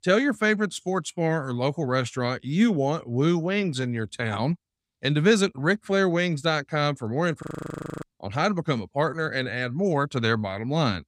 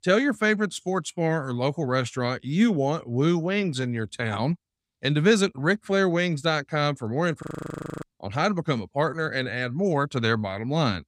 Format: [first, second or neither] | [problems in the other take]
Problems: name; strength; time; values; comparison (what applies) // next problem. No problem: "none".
neither | audio freezing; at 7.5 s for 0.5 s; the same in both